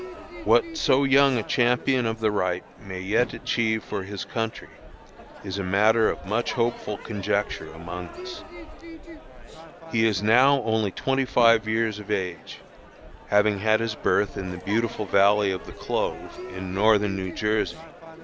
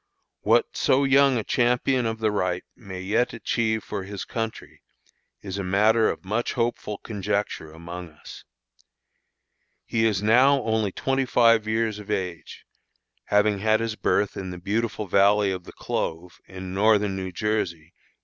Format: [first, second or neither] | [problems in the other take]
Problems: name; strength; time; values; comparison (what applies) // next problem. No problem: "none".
second | background sound (Crowd / Fireworks); 15 dB below the speech